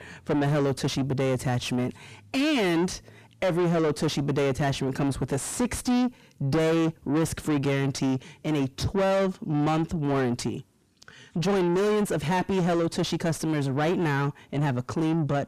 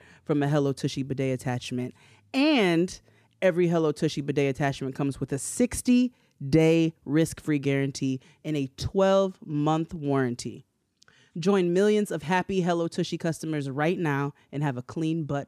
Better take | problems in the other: second | distortion; heavy; 6 dB below the speech

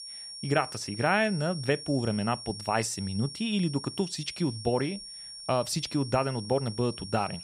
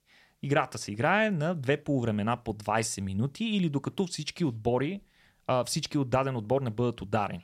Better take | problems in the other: second | high-pitched whine; noticeable; throughout; 5.5 kHz, 10 dB below the speech

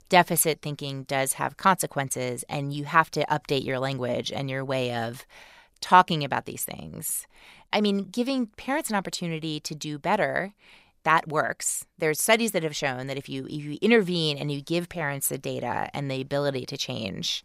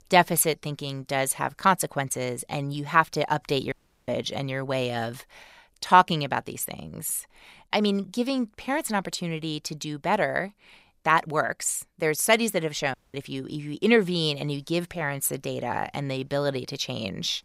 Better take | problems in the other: first | audio cutting out; at 3.5 s and at 13 s

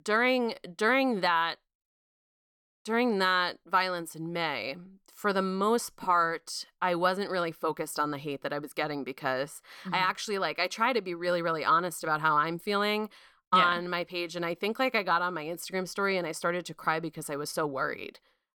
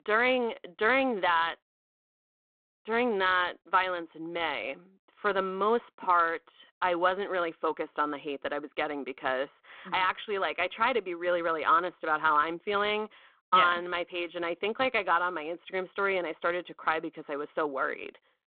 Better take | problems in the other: first | phone-call audio; nothing above 3.5 kHz

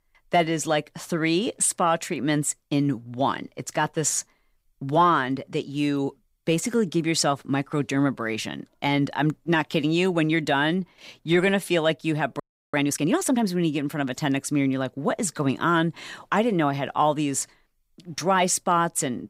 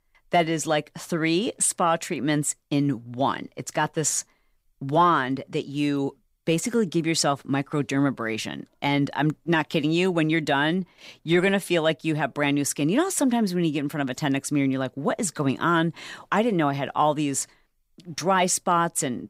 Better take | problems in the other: second | audio freezing; at 12 s

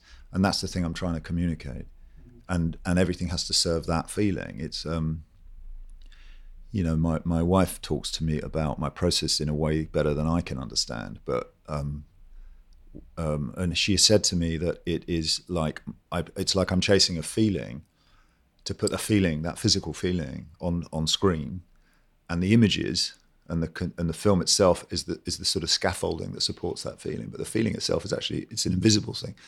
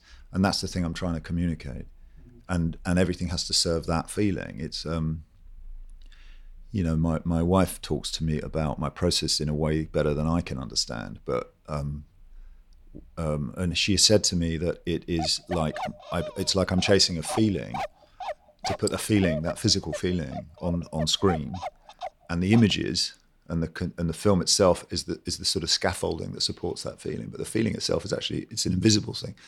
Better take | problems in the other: first | dog barking; noticeable; from 15 to 23 s; peak 7 dB below the speech

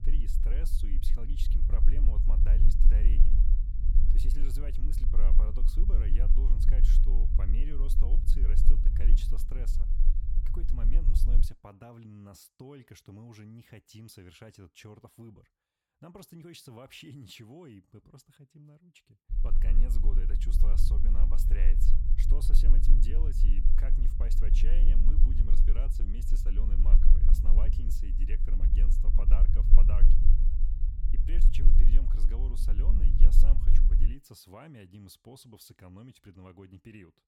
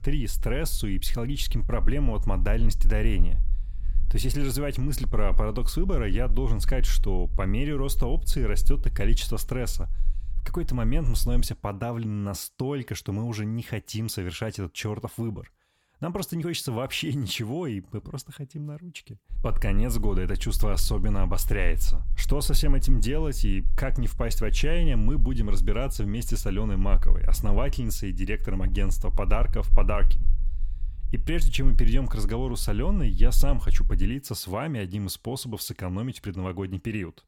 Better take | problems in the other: second | low rumble; loud; until 11 s and from 19 to 34 s; 2 dB below the speech; faint in the second

